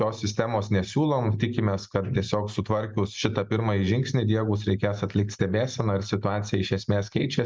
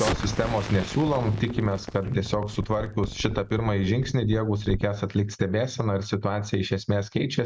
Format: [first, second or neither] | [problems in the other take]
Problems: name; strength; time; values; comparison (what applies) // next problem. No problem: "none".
first | background sound (Explosion); 11 dB below the speech